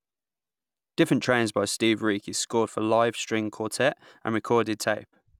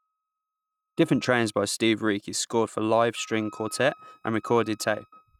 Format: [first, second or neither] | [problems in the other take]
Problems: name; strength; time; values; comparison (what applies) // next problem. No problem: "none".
first | noise reduction (neural mask model RNNoise)